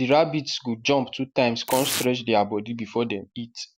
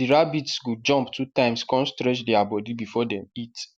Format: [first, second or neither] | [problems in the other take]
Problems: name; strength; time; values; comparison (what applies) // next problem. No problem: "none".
second | background sound (Tearing); 9 dB below the speech